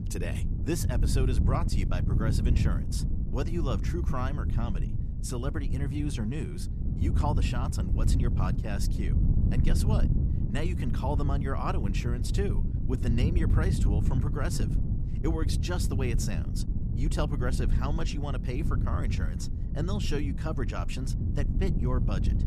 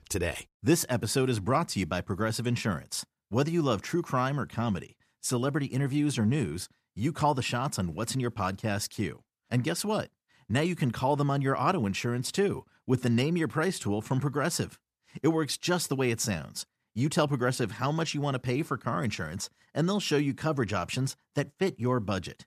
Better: second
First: wind noise on the microphone; heavy; 5 dB below the speech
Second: none

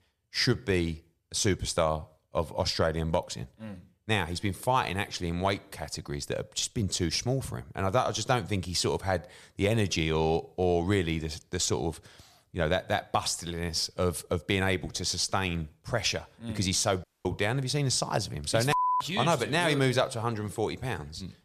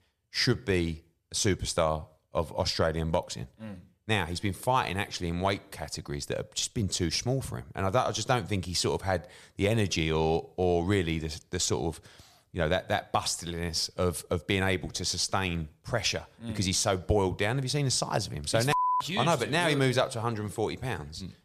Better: second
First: audio cutting out; at 17 s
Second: none

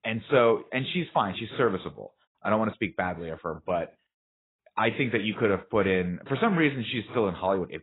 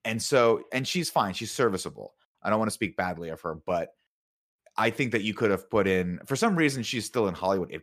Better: second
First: garbled, watery; badly; nothing above 4 kHz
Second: none

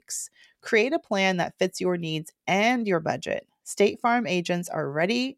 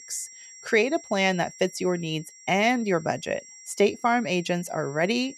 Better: first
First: none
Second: high-pitched whine; noticeable; throughout; 5.5 kHz, 20 dB below the speech

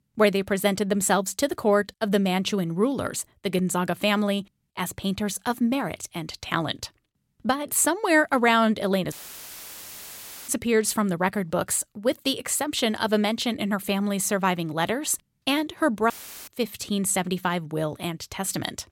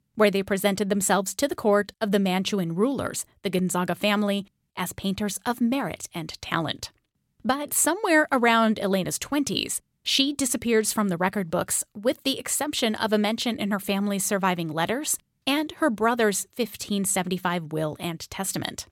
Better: second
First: audio cutting out; filled with static; at 9 s for 1.5 s and at 16 s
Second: none

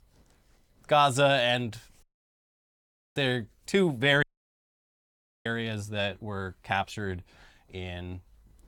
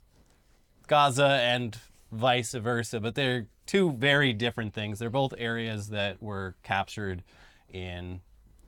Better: second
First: audio cutting out; at 2 s for 1 s and at 4 s for 1 s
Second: none

